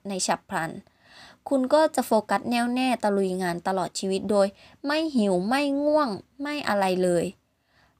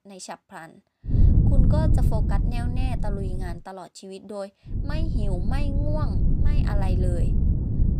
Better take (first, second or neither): first